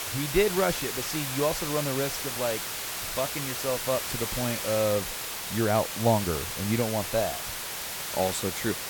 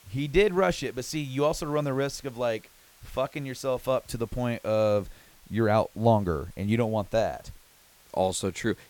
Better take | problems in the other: second | hiss; loud; throughout; 2 dB below the speech; faint in the second

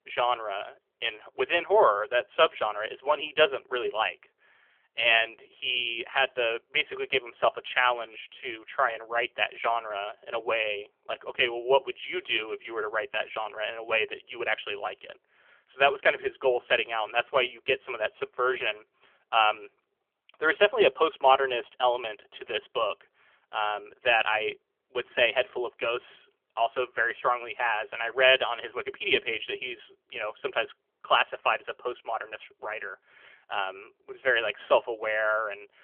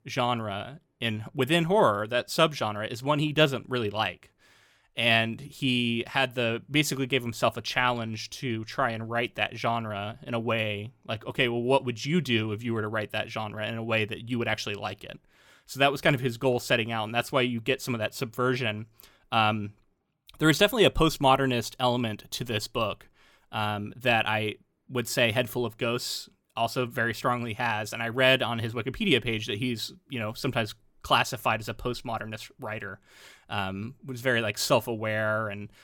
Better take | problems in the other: second | phone-call audio; nothing above 3.5 kHz

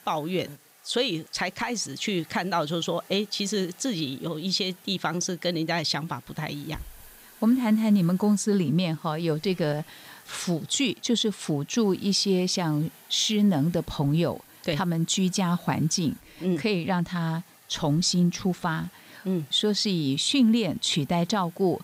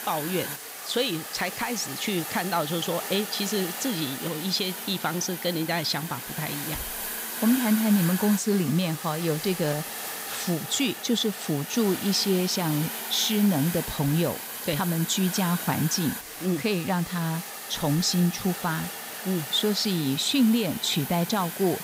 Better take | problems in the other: first | hiss; loud; throughout; 7 dB below the speech; faint in the first

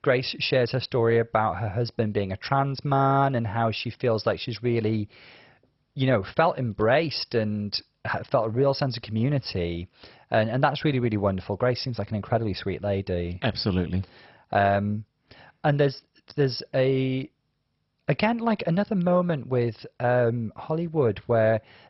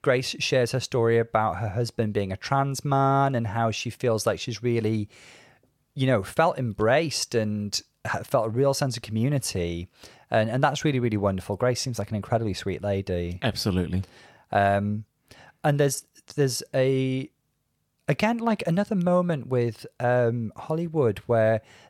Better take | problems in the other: second | garbled, watery; badly; nothing above 5.5 kHz

